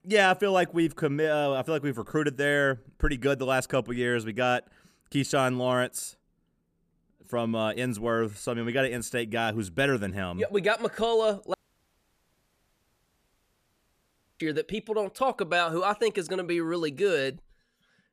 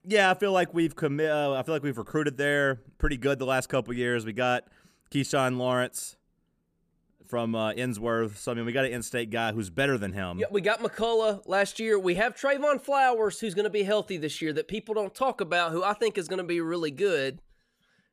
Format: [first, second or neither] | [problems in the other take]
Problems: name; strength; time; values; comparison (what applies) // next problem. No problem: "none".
second | audio cutting out; at 12 s for 3 s